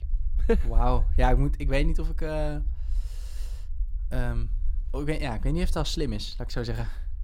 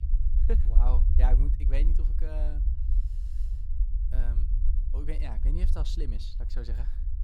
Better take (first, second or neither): first